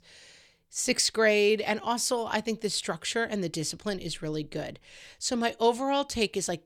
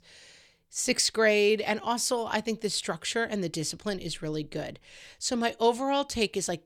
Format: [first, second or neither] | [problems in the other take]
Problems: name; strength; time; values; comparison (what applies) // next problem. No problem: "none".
neither | none